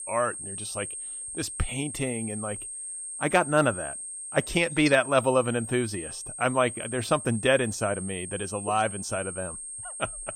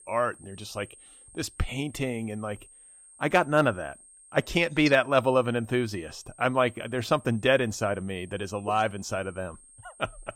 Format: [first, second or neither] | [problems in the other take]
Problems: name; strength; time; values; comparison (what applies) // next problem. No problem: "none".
second | high-pitched whine; loud; throughout; 8.5 kHz, 8 dB below the speech; faint in the second